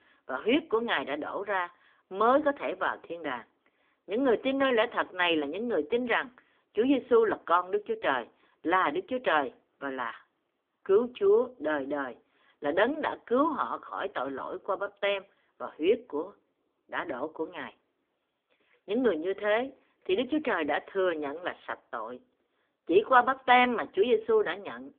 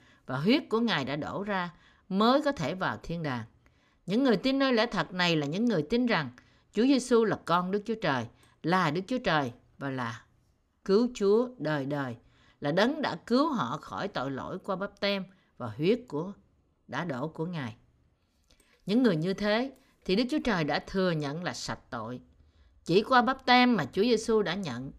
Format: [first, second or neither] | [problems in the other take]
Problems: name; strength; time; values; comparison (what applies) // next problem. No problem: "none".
second | phone-call audio; poor line; nothing above 3.5 kHz